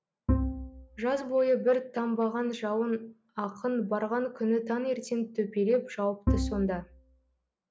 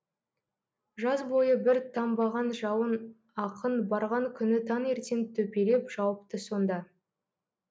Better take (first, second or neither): second